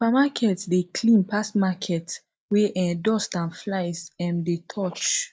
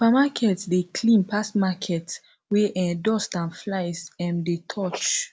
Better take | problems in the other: second | noise reduction (neural mask model DeepFilterNet 3)

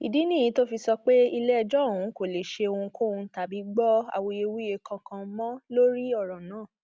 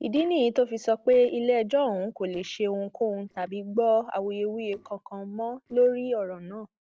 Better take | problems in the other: first | noise reduction (neural separator model SepFormer DNS4)

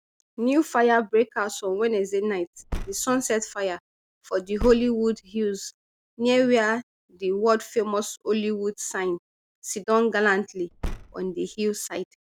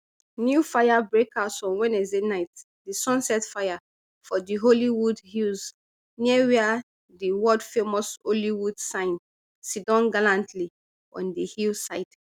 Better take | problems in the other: second | background sound (Car); 11 dB below the speech

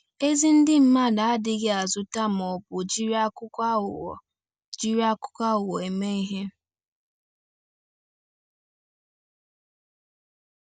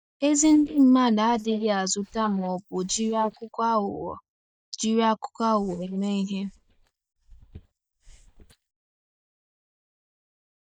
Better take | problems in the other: first | noise reduction (neural mask model DeepFilterNet 3)

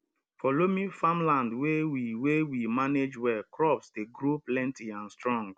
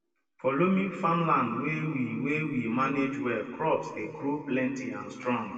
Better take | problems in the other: first | room echo; dies away in 1.8 s

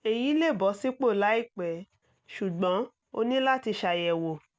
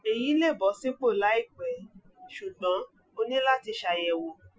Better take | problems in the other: first | noise reduction (classical method Wiener filter)

